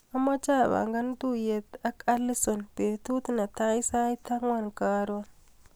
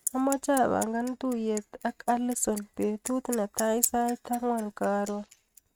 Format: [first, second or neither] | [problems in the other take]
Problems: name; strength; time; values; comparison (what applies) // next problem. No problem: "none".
first | noise reduction (neural mask model RNNoise)